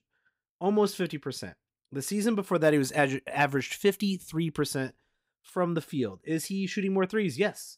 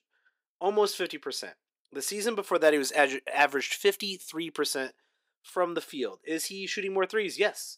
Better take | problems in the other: first | thin; somewhat; fading below 350 Hz

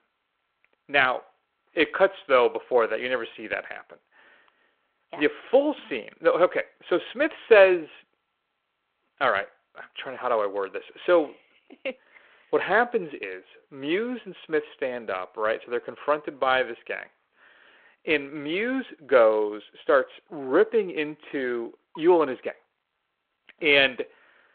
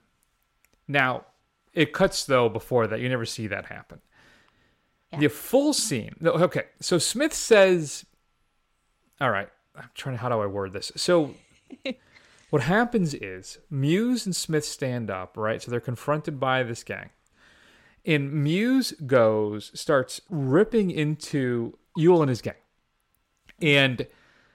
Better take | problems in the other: second | phone-call audio

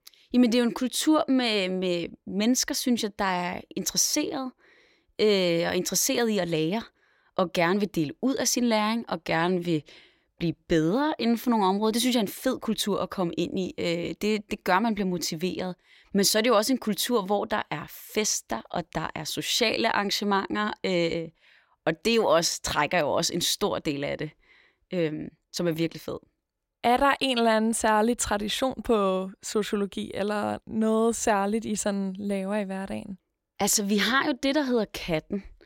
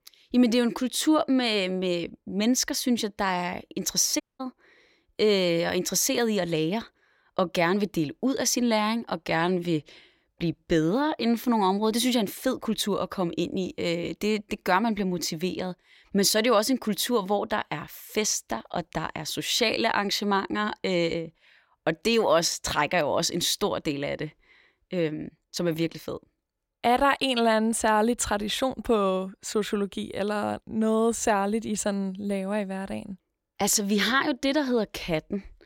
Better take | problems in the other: first | audio cutting out; at 4 s

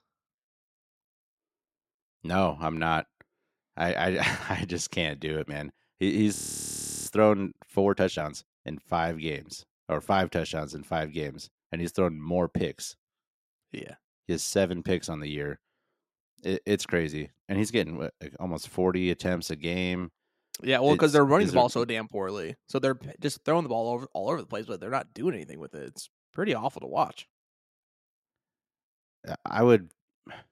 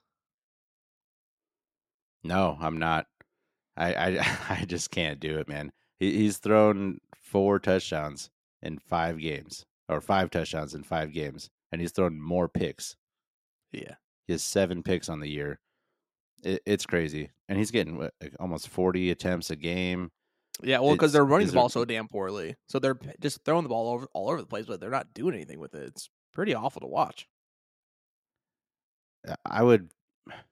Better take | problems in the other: second | audio freezing; at 6.5 s for 0.5 s

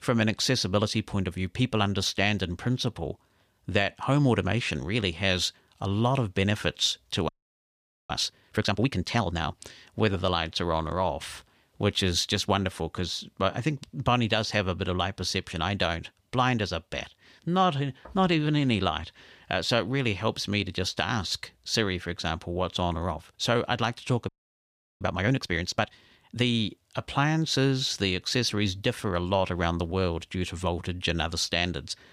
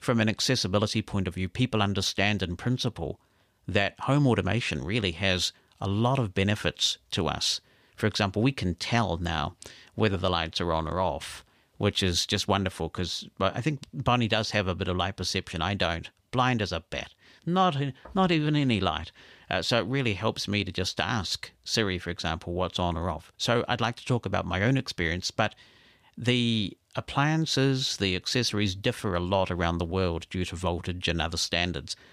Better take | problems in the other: second | audio freezing; at 7.5 s for 1 s and at 24 s for 0.5 s

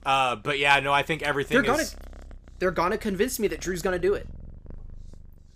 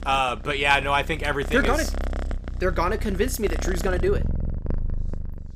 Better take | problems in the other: first | animal sounds; loud; throughout; 7 dB below the speech; faint in the first

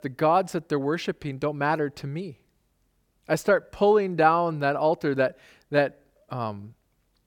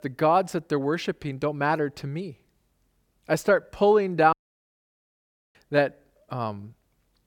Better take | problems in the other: first | audio cutting out; at 4.5 s for 1 s

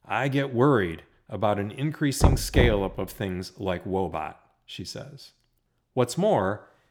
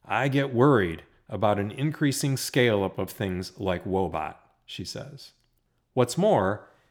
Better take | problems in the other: second | door banging; loud; at 2 s; peak 3 dB above the speech

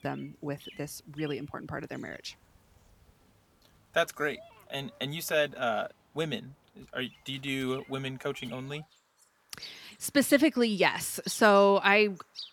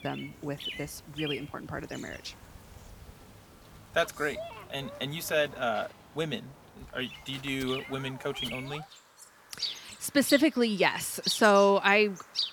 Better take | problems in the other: first | animal sounds; loud; throughout; 10 dB below the speech; faint in the first

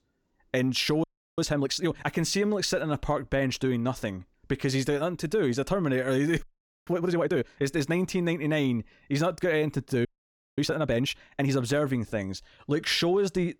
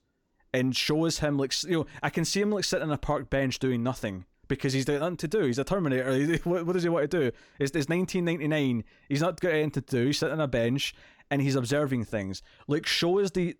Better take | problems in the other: second | audio freezing; at 1 s, at 6.5 s and at 10 s for 0.5 s

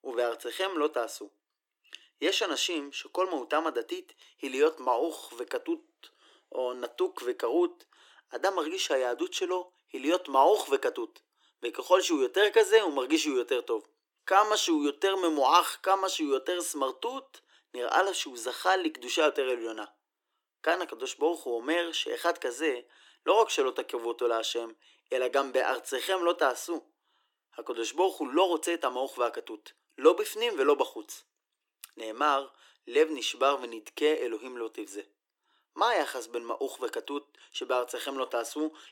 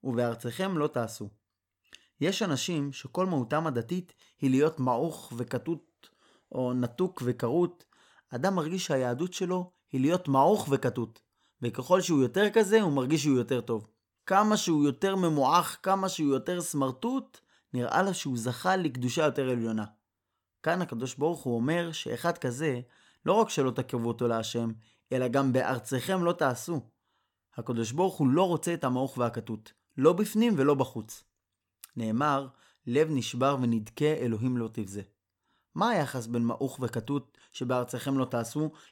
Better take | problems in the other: second | thin; very; fading below 300 Hz

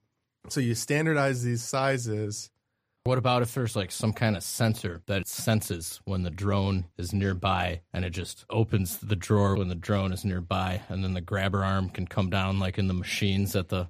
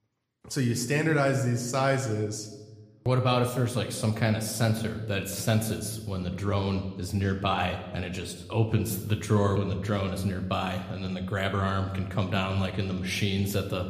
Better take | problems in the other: first | room echo; slight; dies away in 0.9 s

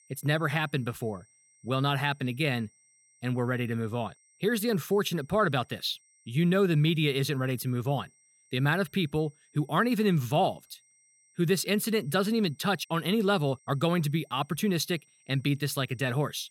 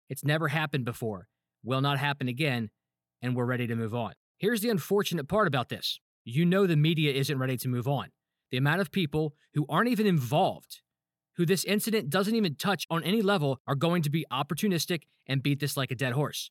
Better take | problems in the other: second | high-pitched whine; faint; throughout; 8.5 kHz, 35 dB below the speech

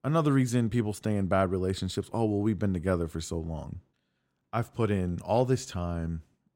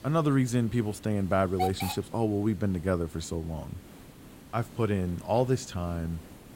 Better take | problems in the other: first | hiss; noticeable; throughout; 15 dB below the speech

